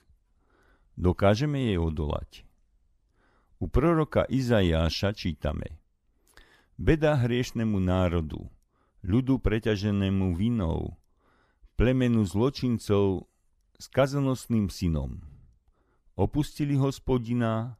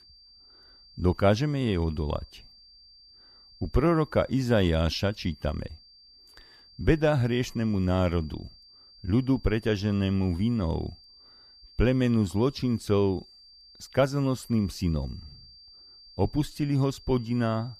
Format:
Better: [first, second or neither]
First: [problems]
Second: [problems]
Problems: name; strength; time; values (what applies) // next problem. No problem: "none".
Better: first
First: none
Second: high-pitched whine; faint; throughout; 4.5 kHz, 25 dB below the speech